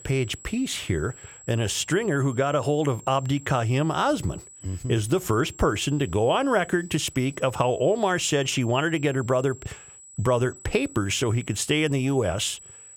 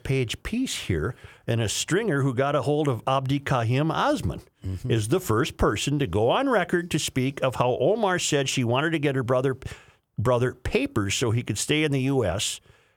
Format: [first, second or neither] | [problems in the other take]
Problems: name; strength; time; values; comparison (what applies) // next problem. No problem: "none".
second | high-pitched whine; noticeable; throughout; 8 kHz, 20 dB below the speech